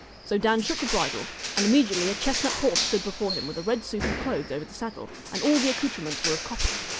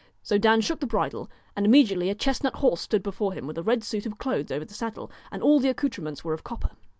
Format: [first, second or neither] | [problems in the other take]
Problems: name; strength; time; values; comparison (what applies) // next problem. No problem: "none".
second | background sound (Crushing); 4 dB below the speech